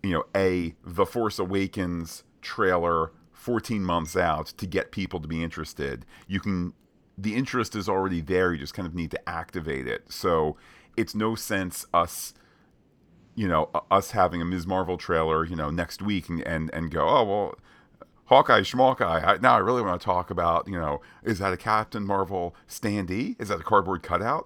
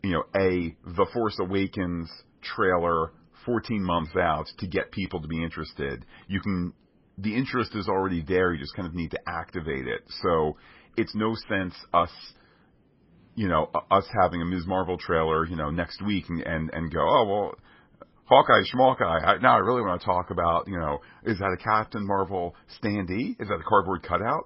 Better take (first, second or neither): first